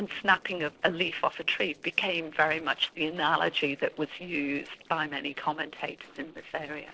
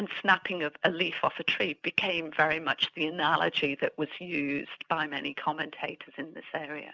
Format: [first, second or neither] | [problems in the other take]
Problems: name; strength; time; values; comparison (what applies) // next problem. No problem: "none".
second | noise reduction (neural separator model SepFormer DNS4)